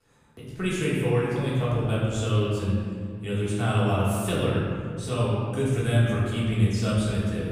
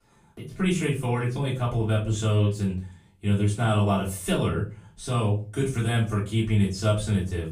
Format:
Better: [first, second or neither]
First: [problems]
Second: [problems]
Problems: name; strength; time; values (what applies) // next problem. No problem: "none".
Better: second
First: room echo; strong; dies away in 2 s // off-mic speech; far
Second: room echo; slight; dies away in 0.3 s // off-mic speech; far